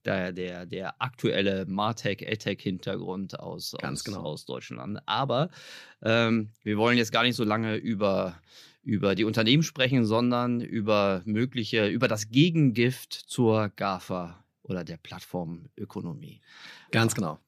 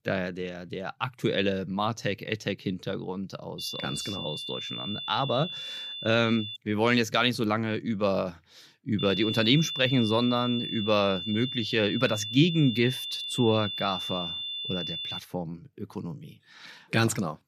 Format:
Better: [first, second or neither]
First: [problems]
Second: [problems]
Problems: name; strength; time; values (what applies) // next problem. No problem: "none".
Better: first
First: none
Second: high-pitched whine; loud; from 3.5 to 6.5 s and from 9 to 15 s; 3.5 kHz, 5 dB below the speech